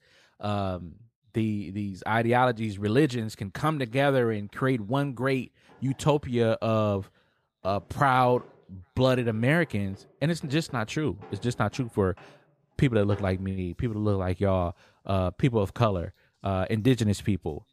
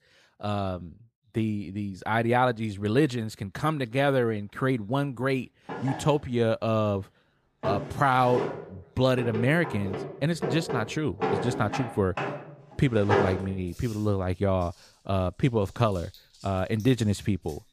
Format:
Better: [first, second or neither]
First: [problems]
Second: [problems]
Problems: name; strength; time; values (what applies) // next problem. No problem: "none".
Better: first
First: household noises; faint; from 4.5 s on; 25 dB below the speech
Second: household noises; loud; from 4.5 s on; 6 dB below the speech